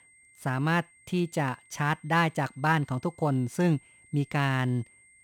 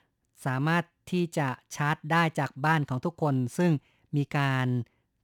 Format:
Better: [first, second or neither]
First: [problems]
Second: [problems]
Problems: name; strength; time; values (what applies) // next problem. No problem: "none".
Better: second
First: high-pitched whine; faint; throughout; 2 kHz, 30 dB below the speech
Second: none